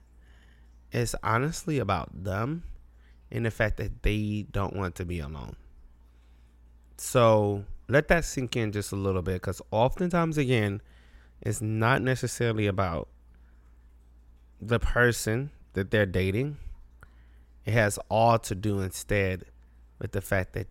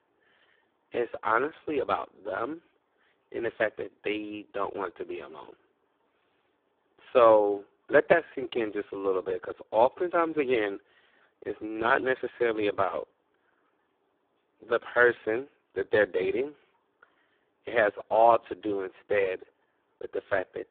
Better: first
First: none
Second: phone-call audio; poor line; nothing above 3.5 kHz

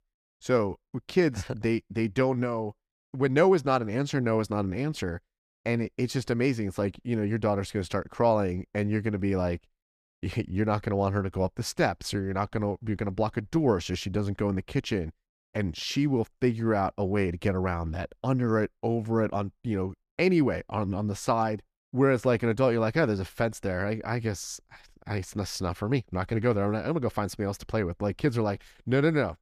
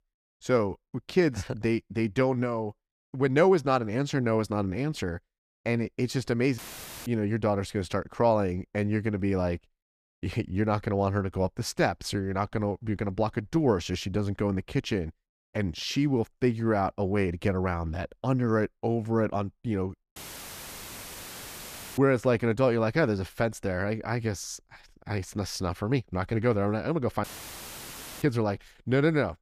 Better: first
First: none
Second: audio cutting out; filled with static; at 6.5 s, at 20 s for 2 s and at 27 s for 1 s

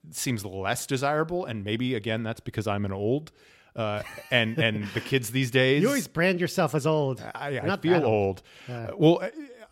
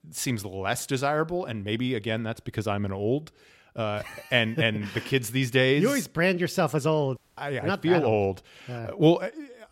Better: first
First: none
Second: audio cutting out; at 7 s

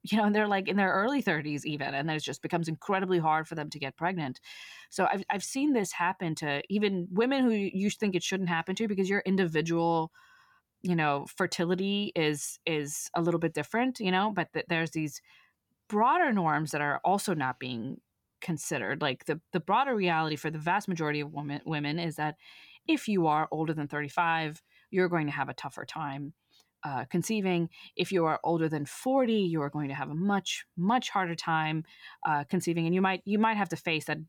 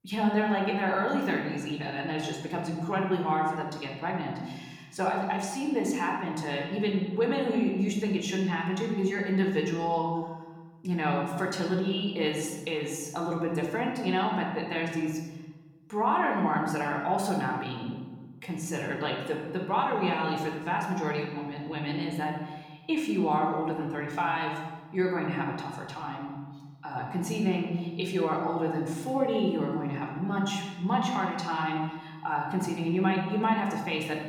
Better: first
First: none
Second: room echo; noticeable; dies away in 1.2 s // off-mic speech; somewhat distant

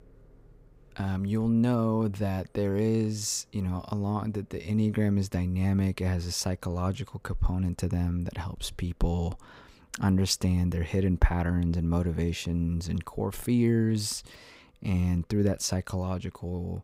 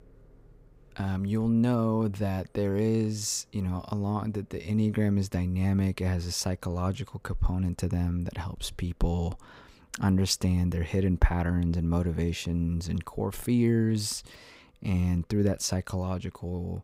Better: neither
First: none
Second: none

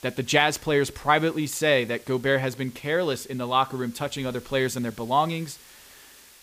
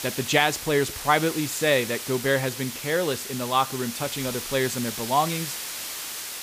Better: first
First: hiss; faint; throughout; 25 dB below the speech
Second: hiss; loud; throughout; 7 dB below the speech

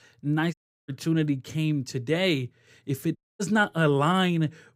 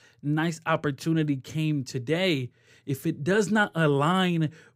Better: second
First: audio cutting out; at 0.5 s and at 3 s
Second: none

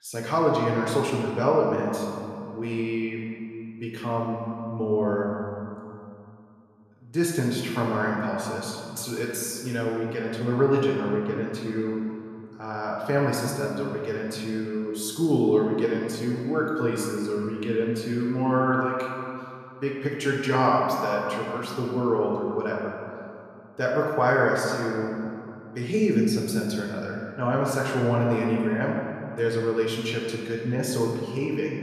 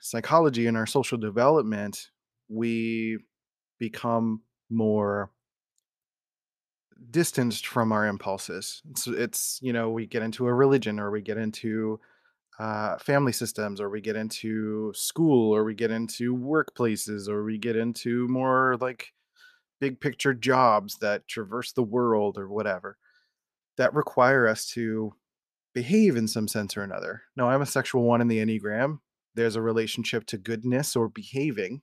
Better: second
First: room echo; noticeable; dies away in 2.3 s // off-mic speech; far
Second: none

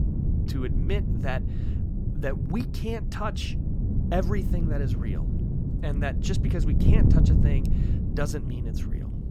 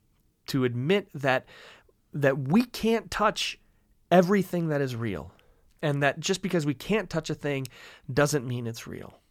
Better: second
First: wind noise on the microphone; heavy; 3 dB below the speech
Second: none

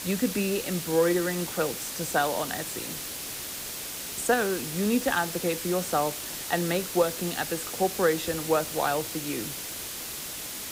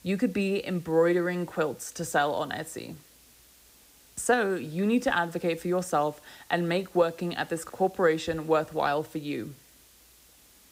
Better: second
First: hiss; loud; throughout; 5 dB below the speech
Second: hiss; faint; throughout; 25 dB below the speech

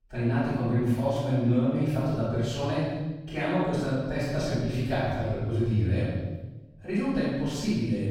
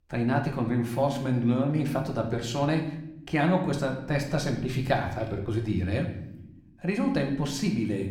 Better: second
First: room echo; strong; dies away in 1.2 s // off-mic speech; far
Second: room echo; slight; dies away in 0.7 s

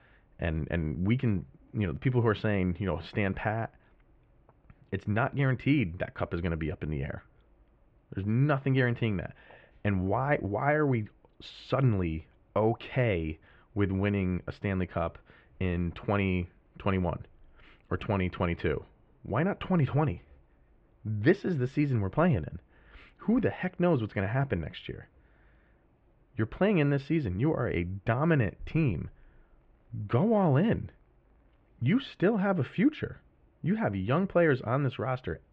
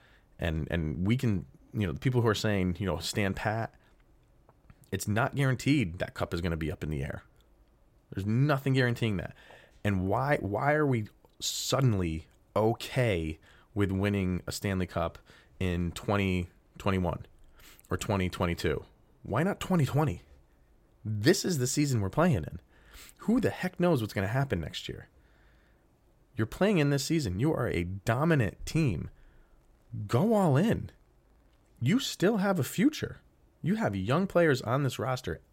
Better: second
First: muffled; very; fading above 2.5 kHz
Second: none

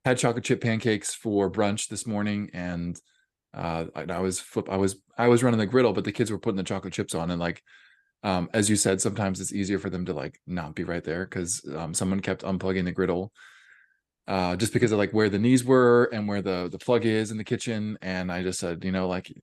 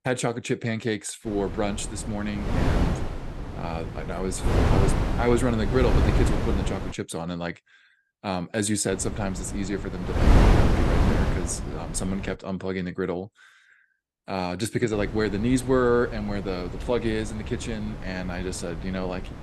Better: first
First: none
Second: wind noise on the microphone; heavy; from 1.5 to 7 s, from 9 to 12 s and from 15 s on; 3 dB below the speech

